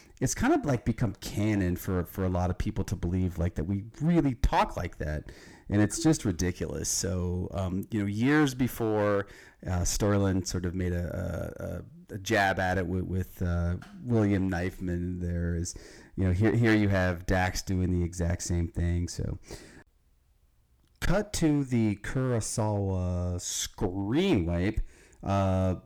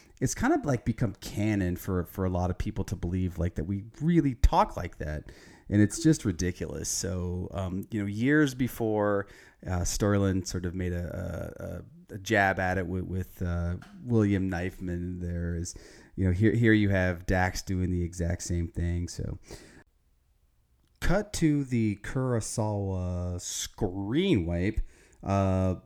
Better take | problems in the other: second | distortion; slight; 5% of the sound clipped

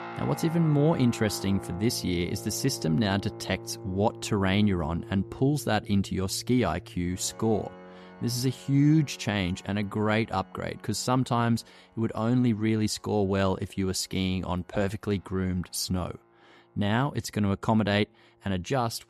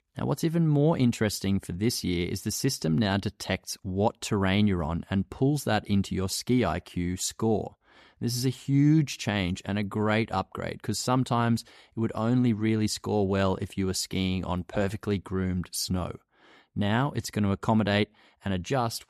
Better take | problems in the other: second | background music; noticeable; throughout; 15 dB below the speech

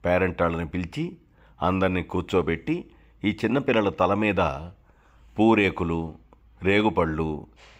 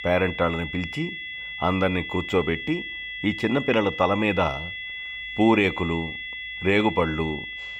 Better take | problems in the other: first | high-pitched whine; loud; throughout; 2 kHz, 8 dB below the speech

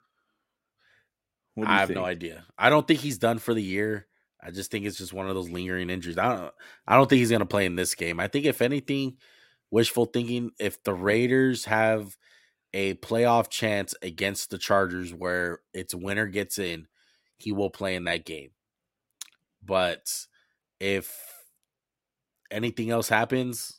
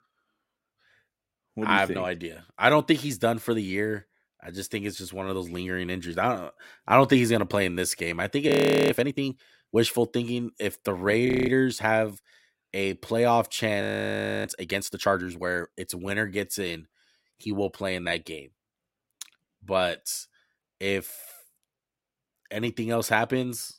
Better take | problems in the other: first | audio freezing; at 8.5 s, at 11 s and at 14 s for 0.5 s

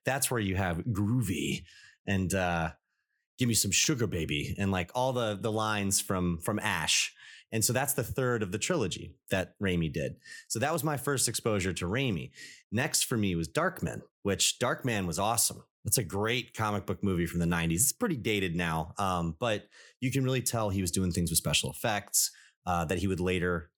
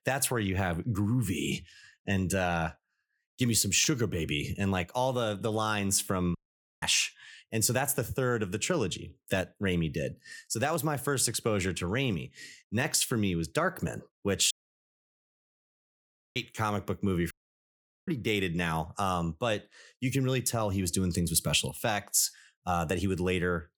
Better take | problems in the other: first | audio cutting out; at 6.5 s, at 15 s for 2 s and at 17 s for 1 s

